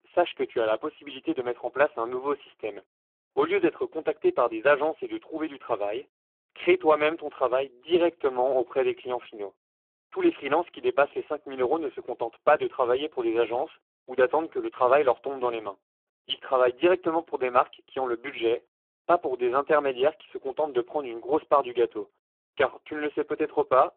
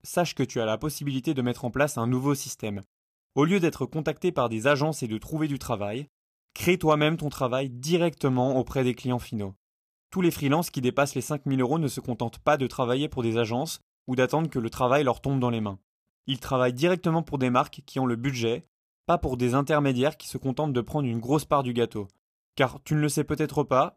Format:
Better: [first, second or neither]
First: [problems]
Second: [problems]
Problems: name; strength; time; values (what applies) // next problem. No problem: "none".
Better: second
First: phone-call audio; poor line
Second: none